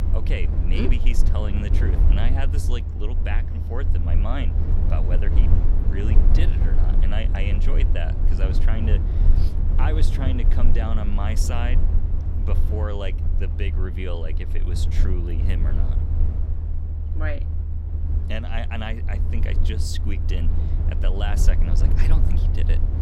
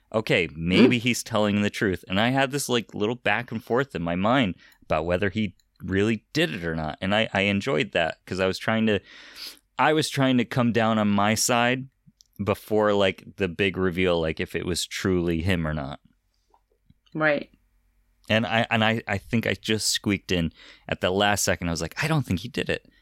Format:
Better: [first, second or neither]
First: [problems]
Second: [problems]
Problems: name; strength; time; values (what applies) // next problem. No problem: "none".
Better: second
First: low rumble; loud; throughout; 4 dB below the speech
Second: none